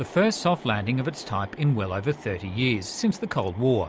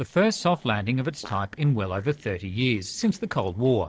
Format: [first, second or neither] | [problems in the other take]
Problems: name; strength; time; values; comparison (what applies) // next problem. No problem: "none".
first | noise reduction (neural separator model SepFormer DNS4)